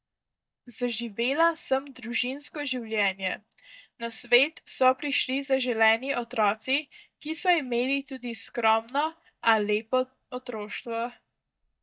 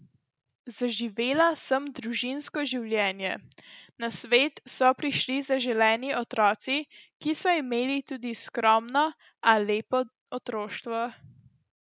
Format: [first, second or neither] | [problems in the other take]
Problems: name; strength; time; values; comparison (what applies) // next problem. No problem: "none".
second | noise reduction (neural mask model DeepFilterNet 3)